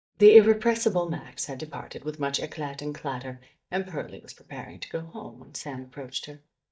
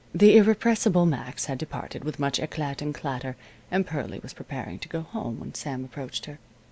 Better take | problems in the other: second | noise reduction (neural mask model DeepFilterNet 3)

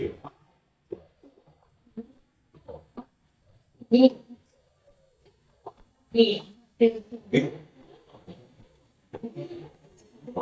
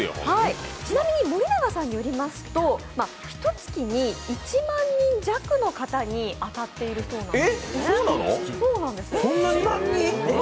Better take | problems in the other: second | noise reduction (neural mask model DeepFilterNet 3)

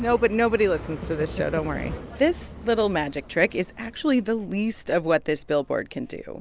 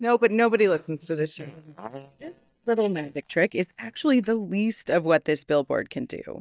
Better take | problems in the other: first | noise reduction (neural mask model DeepFilterNet 3)

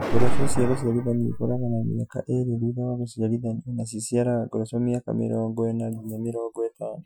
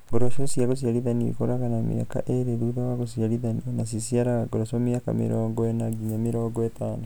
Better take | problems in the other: second | noise reduction (classical method Wiener filter)

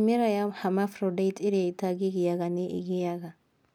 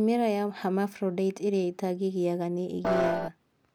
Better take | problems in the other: first | background sound (Piano); 2 dB above the speech

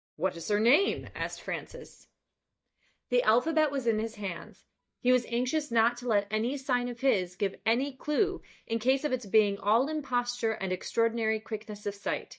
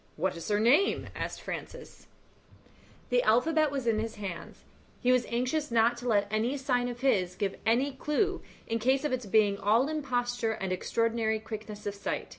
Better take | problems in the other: second | noise reduction (neural mask model DeepFilterNet 3)

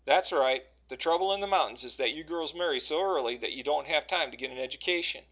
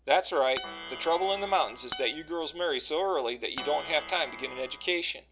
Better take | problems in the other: first | background sound (Acoustic guitar + Plucked string instrument); 13 dB below the speech

